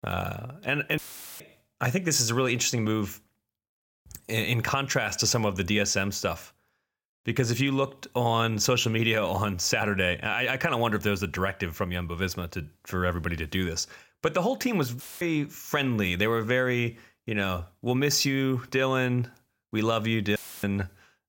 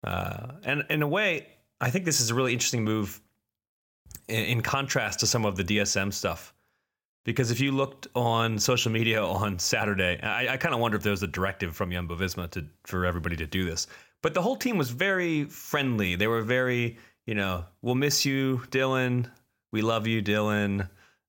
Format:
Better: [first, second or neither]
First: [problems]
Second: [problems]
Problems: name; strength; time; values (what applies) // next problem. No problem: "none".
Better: second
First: audio cutting out; filled with static; at 1 s, at 15 s and at 20 s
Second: none